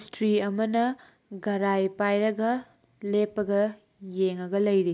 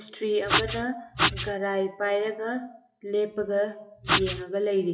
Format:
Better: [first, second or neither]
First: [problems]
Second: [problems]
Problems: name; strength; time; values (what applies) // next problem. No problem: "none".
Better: first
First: none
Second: noise reduction (classical method WPE with log-MMSE)